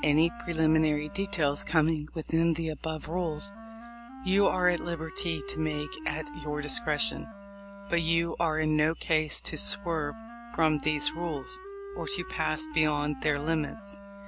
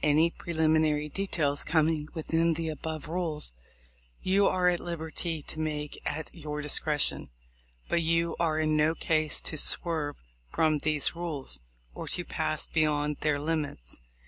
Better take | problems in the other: second | background sound (Wind instrument, woodwind instrument); 14 dB below the speech

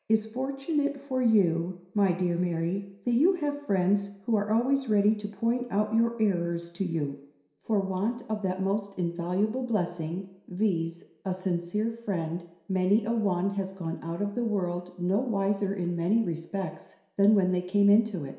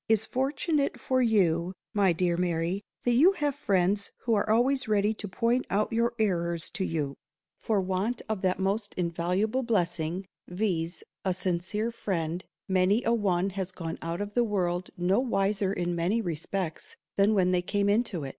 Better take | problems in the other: second | room echo; dies away in 0.7 s

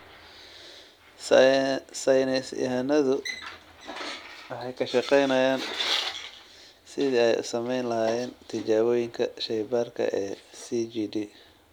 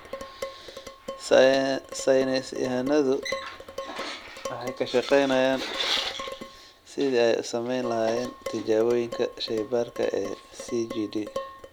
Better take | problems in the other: first | background sound (Dishes, pots, and pans); 14 dB below the speech

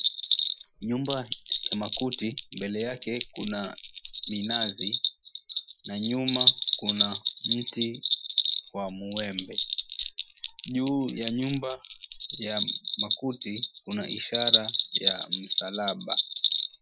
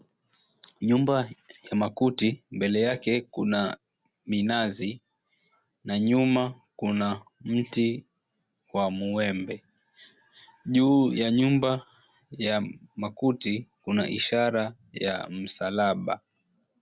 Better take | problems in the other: second | noise reduction (classical method Wiener filter)

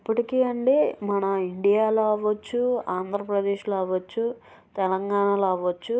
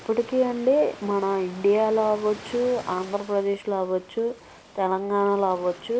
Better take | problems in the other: first | background sound (Ocean); 20 dB below the speech

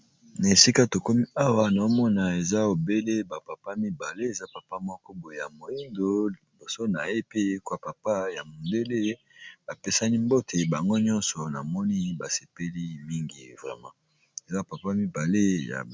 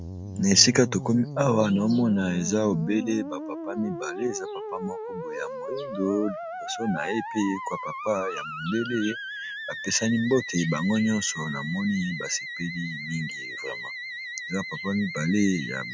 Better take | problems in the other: first | background sound (Musical instrument); 9 dB below the speech

